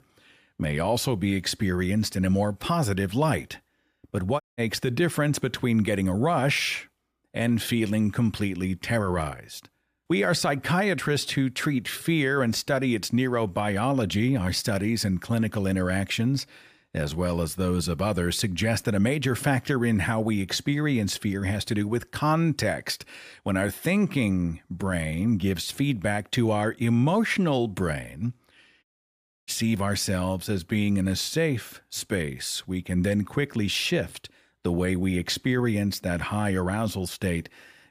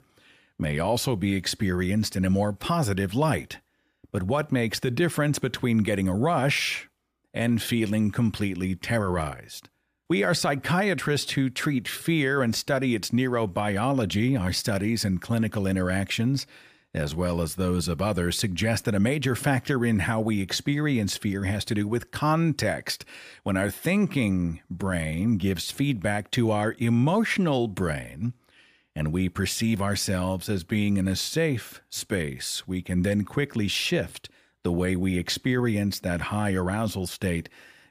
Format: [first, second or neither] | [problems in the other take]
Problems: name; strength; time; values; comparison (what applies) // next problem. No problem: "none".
second | audio cutting out; at 4.5 s and at 29 s for 0.5 s